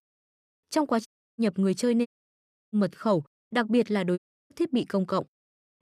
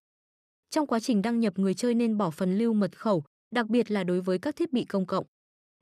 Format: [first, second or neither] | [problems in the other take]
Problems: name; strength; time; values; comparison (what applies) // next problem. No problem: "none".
second | audio cutting out; at 1 s, at 2 s for 0.5 s and at 4 s